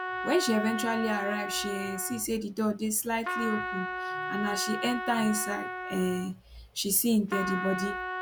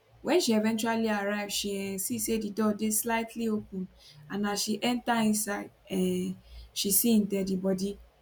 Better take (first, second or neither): second